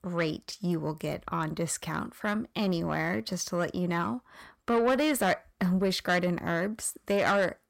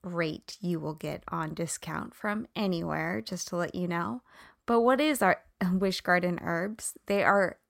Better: second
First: distortion; slight; 10 dB below the speech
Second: none

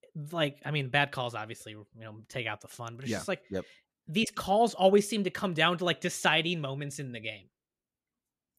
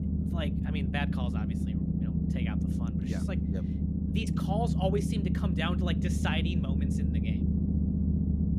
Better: first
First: none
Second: low rumble; loud; throughout; 2 dB below the speech

